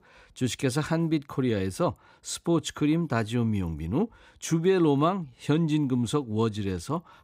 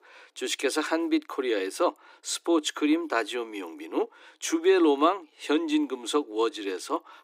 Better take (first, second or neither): first